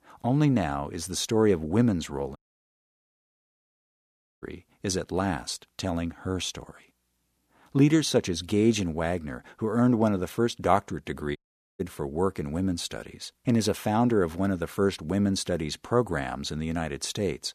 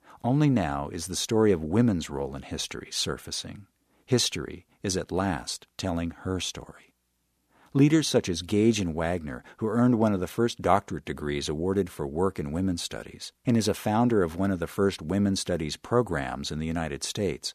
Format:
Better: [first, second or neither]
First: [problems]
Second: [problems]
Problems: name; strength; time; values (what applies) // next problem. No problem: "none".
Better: second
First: audio cutting out; at 2.5 s for 2 s and at 11 s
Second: none